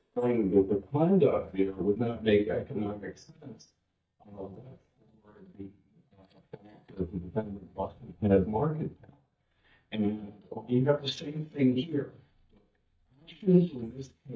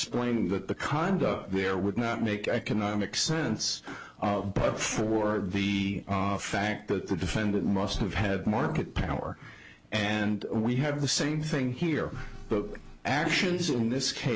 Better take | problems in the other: second | noise reduction (neural mask model DeepFilterNet 3)

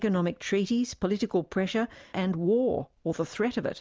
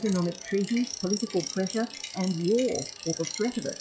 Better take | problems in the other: first | noise reduction (classical method log-MMSE)

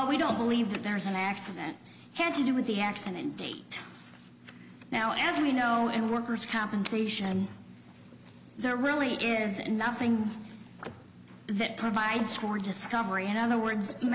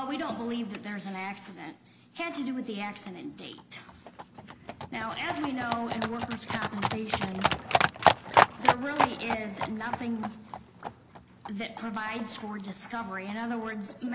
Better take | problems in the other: first | background sound (Livestock, farm animals, working animals); 3 dB above the speech

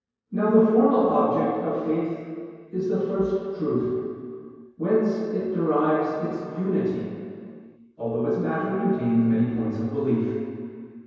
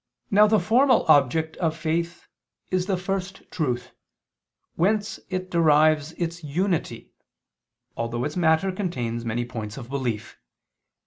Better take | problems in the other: second | room echo; dies away in 2.2 s

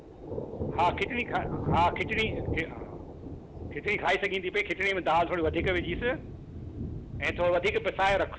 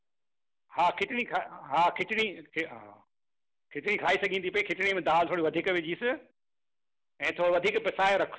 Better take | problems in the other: second | background sound (Thunder); 7 dB below the speech

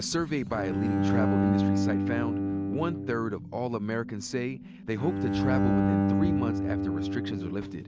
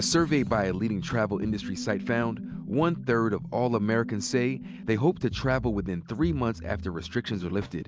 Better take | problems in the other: second | background sound (Bowed string instrument); 4 dB above the speech

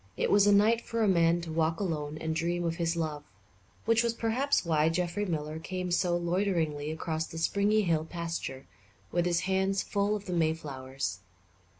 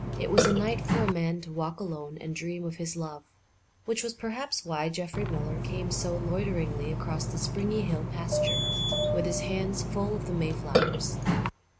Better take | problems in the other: first | background sound (Burping, eructation); 1 dB above the speech

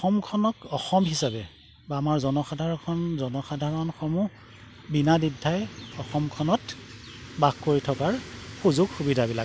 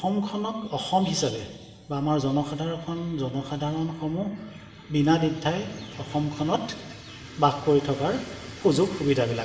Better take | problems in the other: first | room echo; dies away in 2.5 s

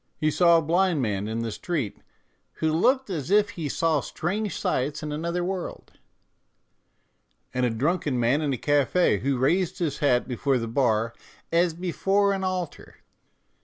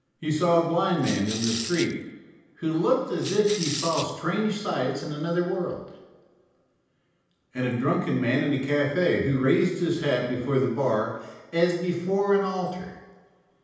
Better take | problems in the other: first | background sound (Rattle / Rattle (instrument)); 9 dB below the speech // room echo; dies away in 0.9 s

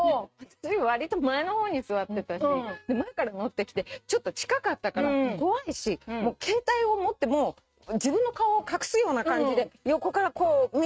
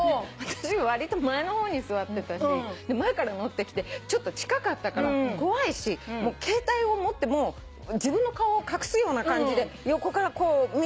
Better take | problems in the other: second | noise reduction (neural mask model RNNoise)

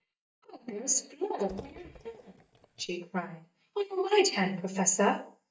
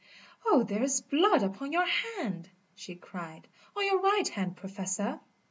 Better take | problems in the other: second | noise reduction (neural mask model DeepFilterNet 3)

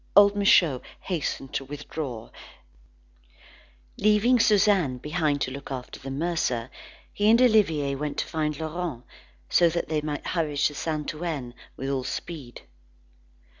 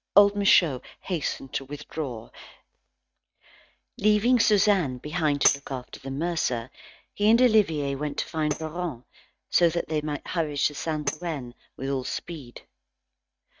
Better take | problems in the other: first | noise reduction (neural mask model RNNoise)

